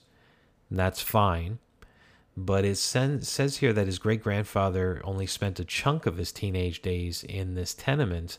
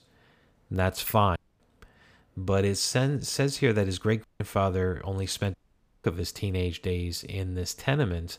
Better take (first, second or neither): first